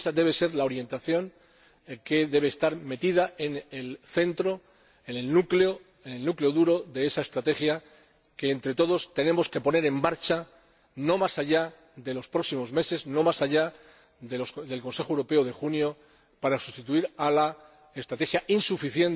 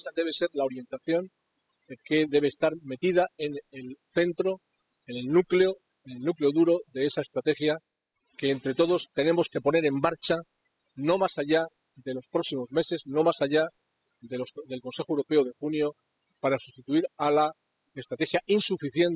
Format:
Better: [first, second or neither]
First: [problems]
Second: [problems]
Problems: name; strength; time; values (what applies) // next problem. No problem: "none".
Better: first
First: none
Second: noise reduction (classical method spectral subtraction)